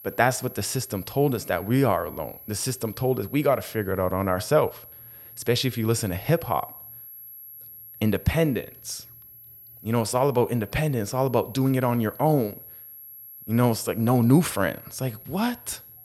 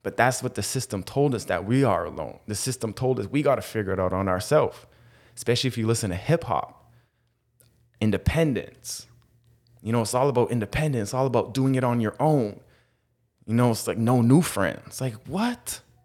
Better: second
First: high-pitched whine; noticeable; throughout; 11.5 kHz, 15 dB below the speech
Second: none

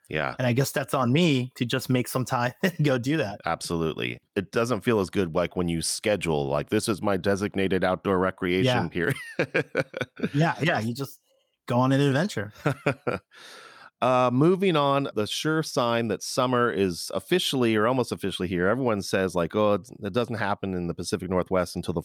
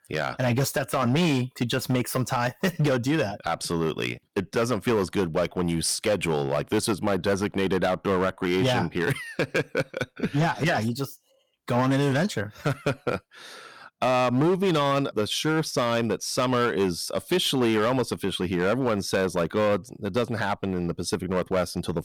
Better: first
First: none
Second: distortion; slight; 8% of the sound clipped

